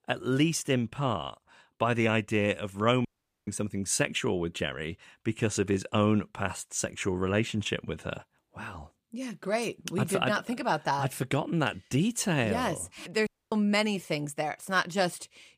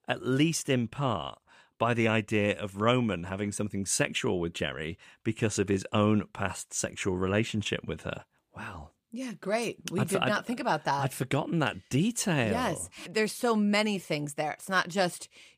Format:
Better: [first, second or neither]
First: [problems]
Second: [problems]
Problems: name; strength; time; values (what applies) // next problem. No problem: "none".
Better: second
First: audio cutting out; at 3 s and at 13 s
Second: none